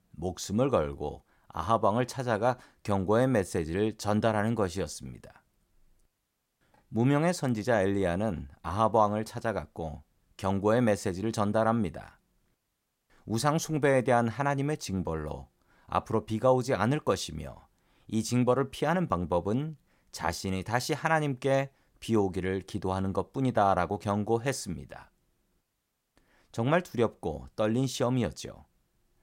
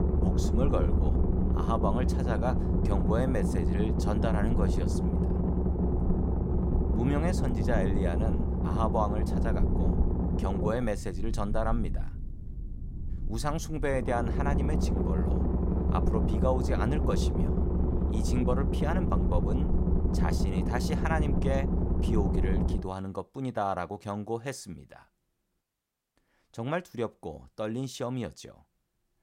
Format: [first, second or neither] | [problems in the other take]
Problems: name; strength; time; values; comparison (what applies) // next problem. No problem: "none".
first | low rumble; loud; until 23 s; 3 dB below the speech